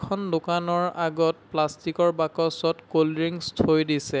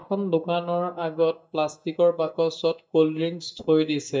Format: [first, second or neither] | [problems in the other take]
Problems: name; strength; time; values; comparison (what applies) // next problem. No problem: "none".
first | noise reduction (neural mask model DeepFilterNet 3)